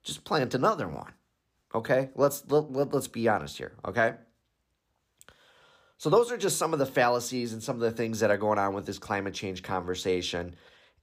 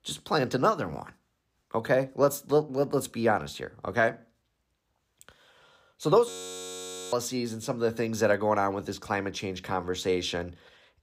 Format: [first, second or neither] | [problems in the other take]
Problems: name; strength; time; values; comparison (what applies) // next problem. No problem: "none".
first | audio freezing; at 6.5 s for 1 s